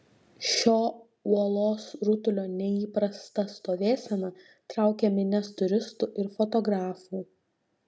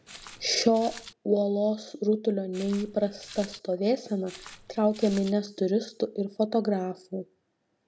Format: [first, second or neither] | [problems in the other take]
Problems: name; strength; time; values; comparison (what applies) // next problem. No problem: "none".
first | background sound (Walk, footsteps); 18 dB below the speech